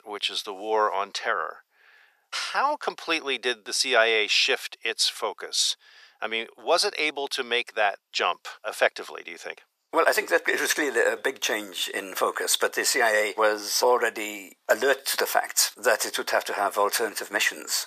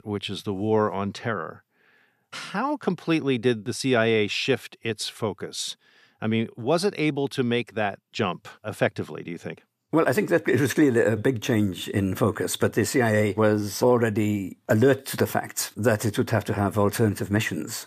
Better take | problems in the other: second | thin; very; fading below 600 Hz

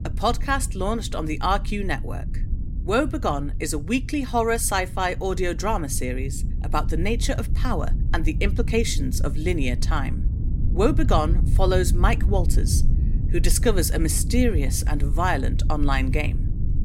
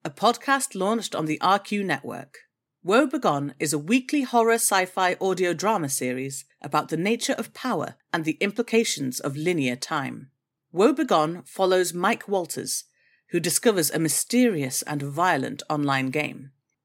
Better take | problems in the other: second | low rumble; noticeable; throughout; 15 dB below the speech

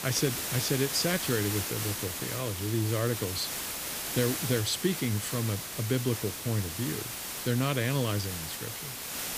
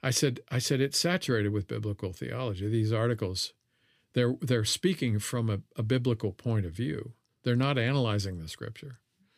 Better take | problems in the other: second | hiss; loud; throughout; 3 dB below the speech

